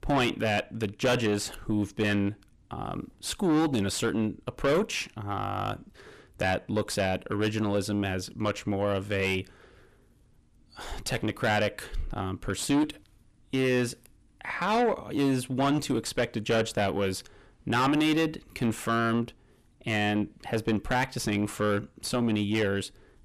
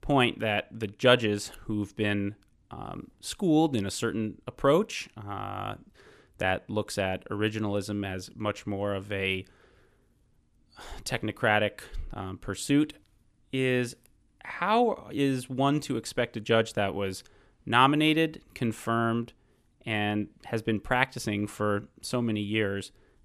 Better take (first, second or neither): second